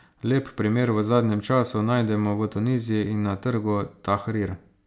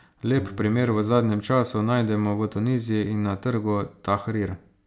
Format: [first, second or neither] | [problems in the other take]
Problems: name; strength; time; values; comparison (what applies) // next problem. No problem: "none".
first | background sound (Bowed string instrument); 19 dB below the speech